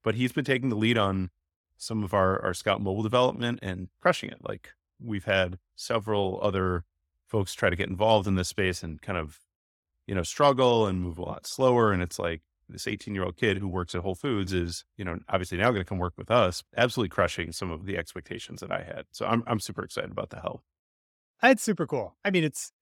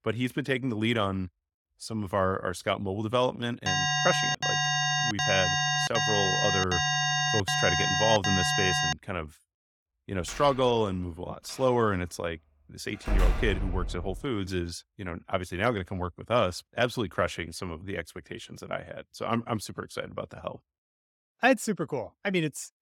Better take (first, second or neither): first